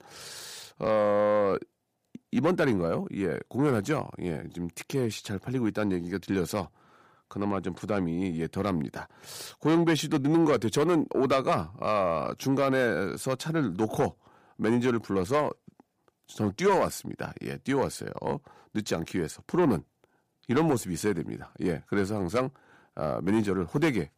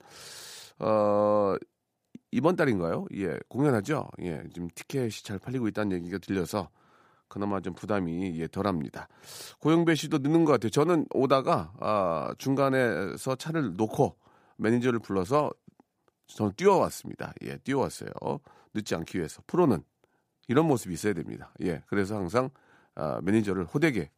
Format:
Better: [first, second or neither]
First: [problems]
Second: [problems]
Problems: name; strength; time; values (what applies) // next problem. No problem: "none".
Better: second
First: distortion; slight; 10 dB below the speech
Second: none